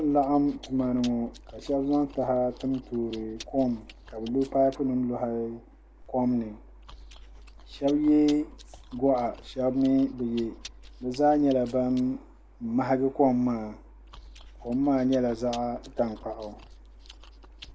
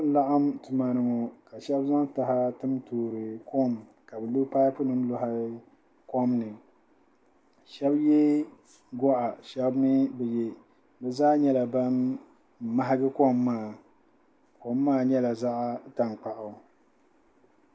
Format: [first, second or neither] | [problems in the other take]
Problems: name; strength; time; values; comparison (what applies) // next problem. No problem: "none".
second | background sound (Chewing, mastication); 20 dB below the speech